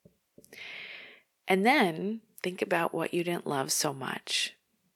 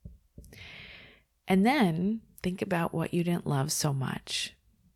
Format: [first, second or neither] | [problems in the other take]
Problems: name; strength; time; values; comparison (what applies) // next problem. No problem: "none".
second | thin; somewhat; fading below 350 Hz